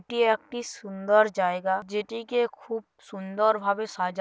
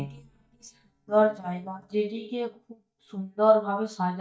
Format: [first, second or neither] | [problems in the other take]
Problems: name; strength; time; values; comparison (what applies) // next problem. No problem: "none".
first | noise reduction (neural mask model DeepFilterNet 3)